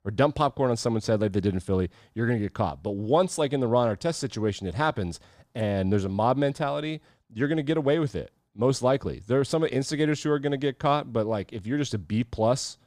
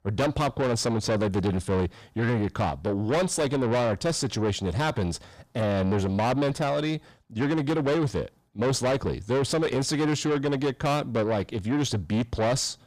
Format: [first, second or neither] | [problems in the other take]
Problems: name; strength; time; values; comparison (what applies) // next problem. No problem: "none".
first | distortion; heavy; 7 dB below the speech